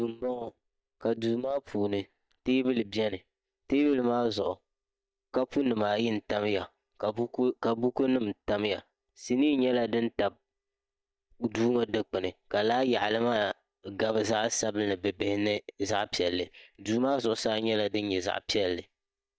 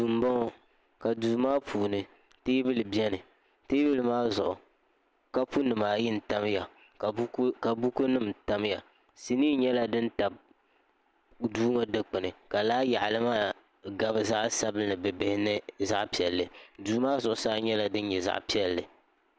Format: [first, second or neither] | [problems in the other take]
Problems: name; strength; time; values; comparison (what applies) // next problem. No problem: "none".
second | noise reduction (neural mask model DeepFilterNet 3)